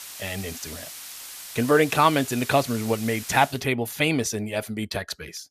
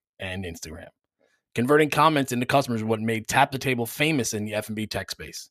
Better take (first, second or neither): second